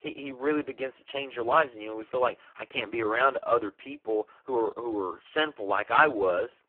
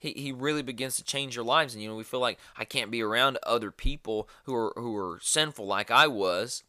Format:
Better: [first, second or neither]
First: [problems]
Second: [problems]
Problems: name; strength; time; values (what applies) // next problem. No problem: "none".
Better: second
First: phone-call audio; poor line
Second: none